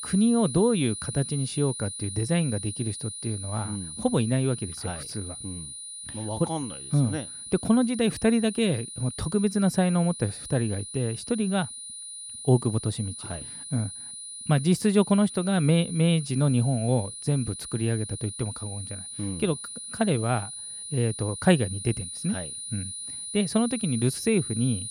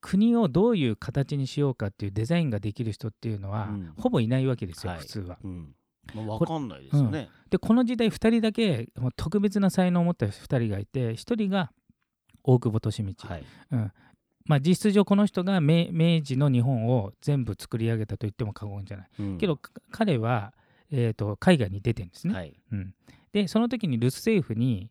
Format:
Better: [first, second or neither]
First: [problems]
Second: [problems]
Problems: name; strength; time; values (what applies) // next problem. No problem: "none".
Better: second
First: high-pitched whine; loud; throughout; 9.5 kHz, 9 dB below the speech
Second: none